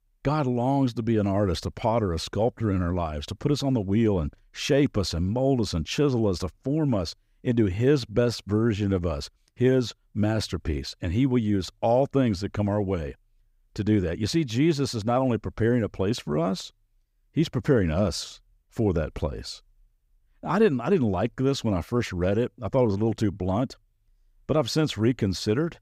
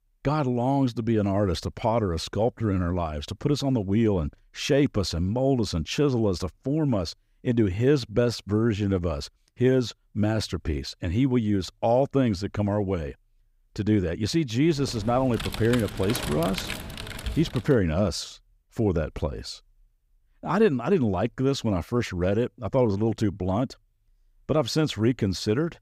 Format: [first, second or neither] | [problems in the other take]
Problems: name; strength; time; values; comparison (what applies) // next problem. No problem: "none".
first | keyboard typing; noticeable; from 15 to 18 s; peak 6 dB below the speech